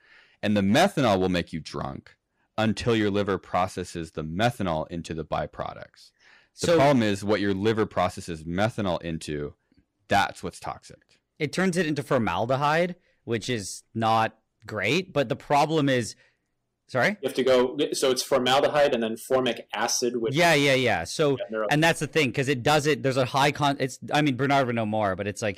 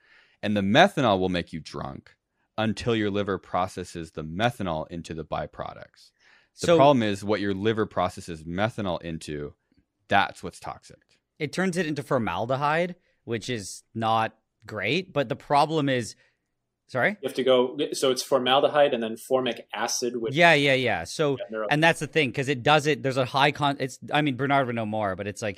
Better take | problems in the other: second | distortion; slight; 4% of the sound clipped

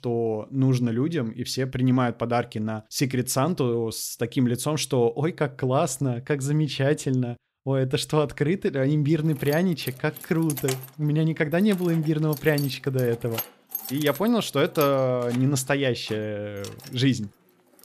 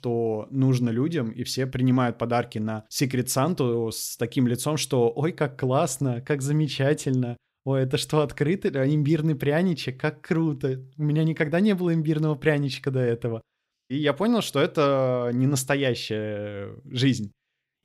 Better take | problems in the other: second | jangling keys; noticeable; from 9.5 to 17 s; peak 7 dB below the speech

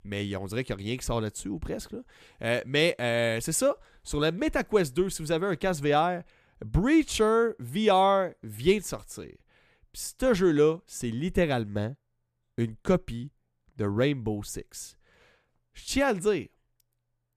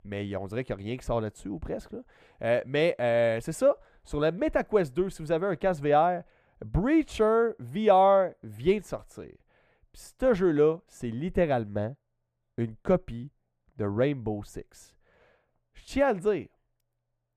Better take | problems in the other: first | muffled; slightly; fading above 3 kHz

